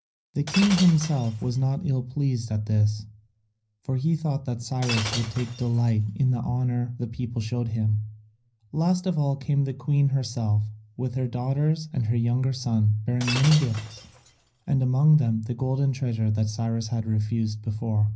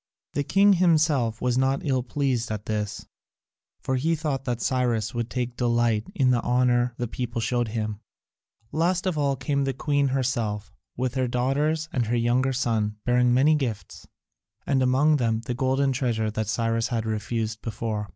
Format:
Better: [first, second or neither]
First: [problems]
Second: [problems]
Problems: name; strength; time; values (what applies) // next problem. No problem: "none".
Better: second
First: background sound (Shatter); 11 dB below the speech // room echo; dies away in 0.5 s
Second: none